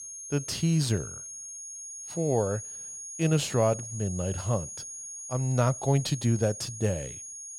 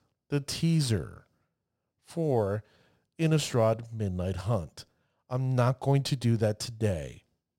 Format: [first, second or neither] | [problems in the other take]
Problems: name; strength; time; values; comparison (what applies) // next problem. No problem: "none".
second | high-pitched whine; loud; throughout; 6.5 kHz, 9 dB below the speech